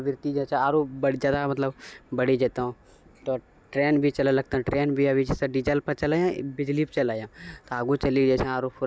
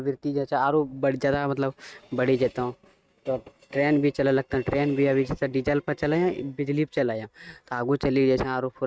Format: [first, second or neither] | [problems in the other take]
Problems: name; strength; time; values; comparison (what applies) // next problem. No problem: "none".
first | noise reduction (neural mask model RNNoise)